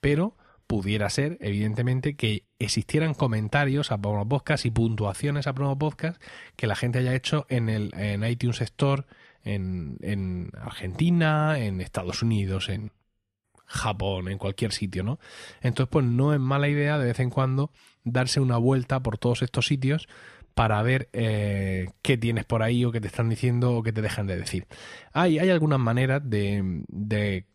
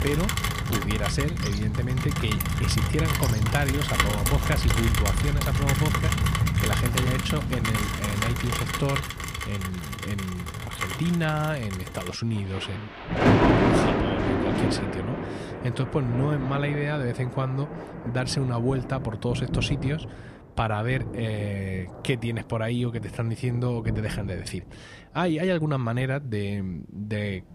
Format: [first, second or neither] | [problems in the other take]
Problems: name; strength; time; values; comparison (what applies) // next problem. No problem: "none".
first | rain or running water; very loud; throughout; 2 dB above the speech